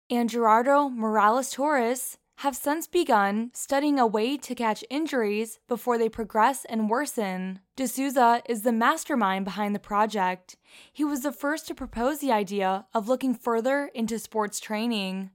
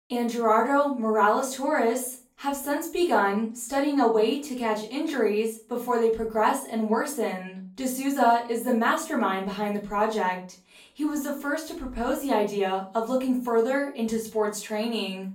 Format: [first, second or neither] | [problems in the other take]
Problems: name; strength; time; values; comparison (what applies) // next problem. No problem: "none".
first | room echo; slight; dies away in 0.3 s // off-mic speech; far